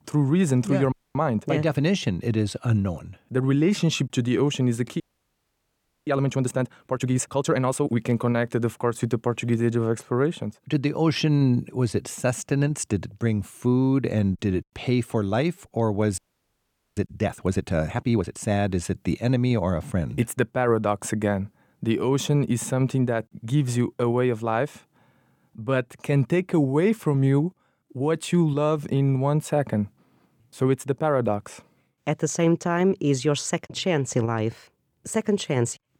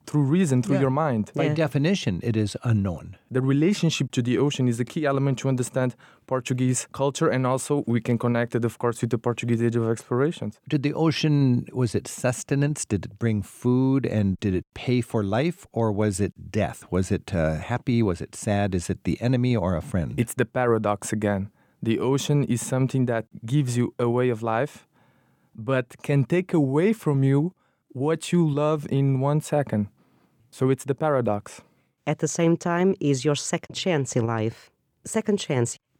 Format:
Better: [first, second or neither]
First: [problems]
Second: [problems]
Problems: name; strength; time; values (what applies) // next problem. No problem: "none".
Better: second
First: audio freezing; at 1 s, at 5 s for 1 s and at 16 s for 1 s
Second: none